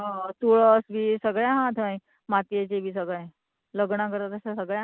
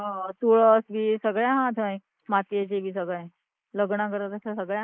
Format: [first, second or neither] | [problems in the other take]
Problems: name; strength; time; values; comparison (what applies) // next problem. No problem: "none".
first | noise reduction (neural mask model Resemble Enhance denoiser)